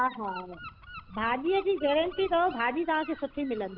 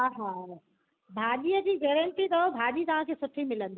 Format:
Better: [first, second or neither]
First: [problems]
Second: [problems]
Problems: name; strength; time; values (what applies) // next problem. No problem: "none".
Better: second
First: background sound (Gull, seagull / Wind); 17 dB below the speech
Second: none